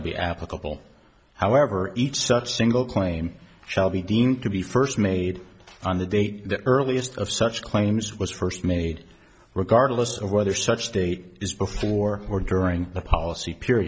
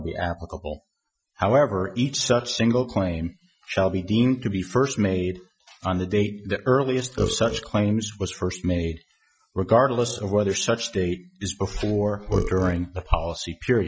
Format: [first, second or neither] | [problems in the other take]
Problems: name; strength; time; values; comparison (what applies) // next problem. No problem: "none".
first | noise reduction (classical method Wiener filter)